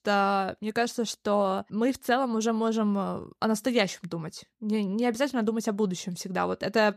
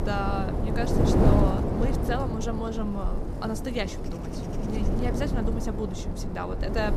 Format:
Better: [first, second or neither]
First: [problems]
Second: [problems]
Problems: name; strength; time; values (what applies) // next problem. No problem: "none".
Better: first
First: none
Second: wind noise on the microphone; heavy; as loud as the speech